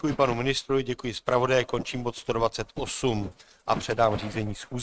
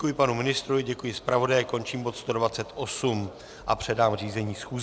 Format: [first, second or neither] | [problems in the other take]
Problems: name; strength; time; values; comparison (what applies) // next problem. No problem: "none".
second | noise reduction (neural mask model RNNoise)